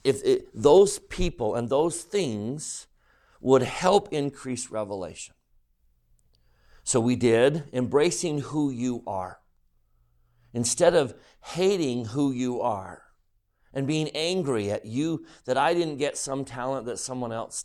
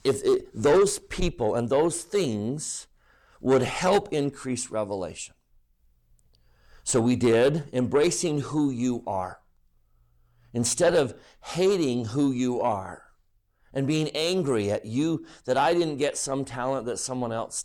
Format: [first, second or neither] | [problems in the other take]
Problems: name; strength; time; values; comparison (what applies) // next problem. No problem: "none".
first | distortion; slight; 10 dB below the speech